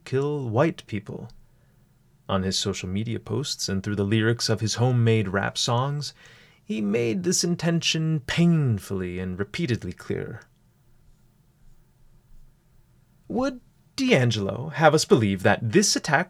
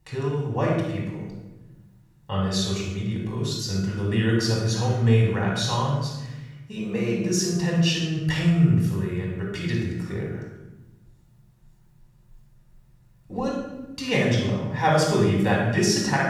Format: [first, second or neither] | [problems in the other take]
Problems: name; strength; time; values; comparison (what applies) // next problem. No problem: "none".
first | room echo; noticeable; dies away in 0.9 s // off-mic speech; far